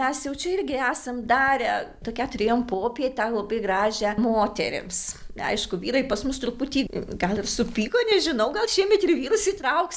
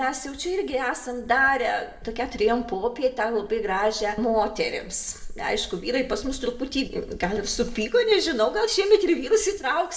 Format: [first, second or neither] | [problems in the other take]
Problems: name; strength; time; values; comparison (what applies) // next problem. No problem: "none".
first | room echo; dies away in 0.6 s